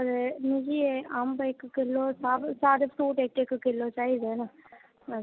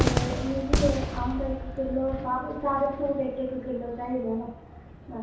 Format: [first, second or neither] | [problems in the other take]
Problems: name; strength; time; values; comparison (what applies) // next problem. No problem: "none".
first | background sound (Cheering / Fireworks); 2 dB below the speech // room echo; dies away in 0.7 s